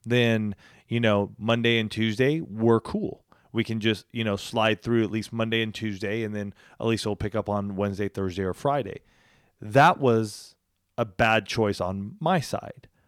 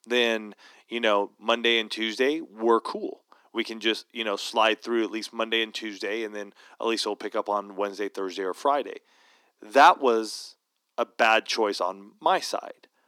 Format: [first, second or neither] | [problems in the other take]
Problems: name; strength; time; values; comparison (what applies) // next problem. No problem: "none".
first | thin; somewhat; fading below 250 Hz